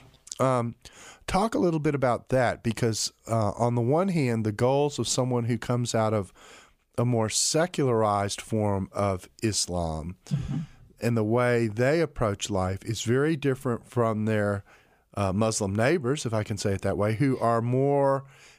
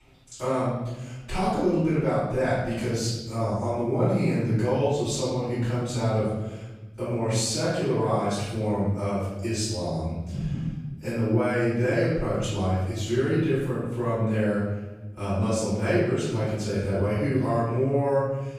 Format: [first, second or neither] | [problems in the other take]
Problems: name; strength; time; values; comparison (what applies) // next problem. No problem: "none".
first | off-mic speech; far // room echo; strong; dies away in 1.2 s